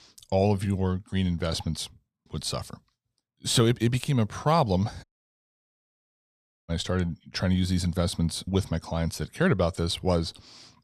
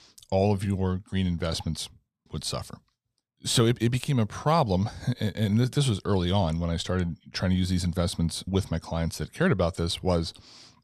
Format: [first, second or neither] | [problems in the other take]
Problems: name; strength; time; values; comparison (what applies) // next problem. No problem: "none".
second | audio cutting out; at 5 s for 1.5 s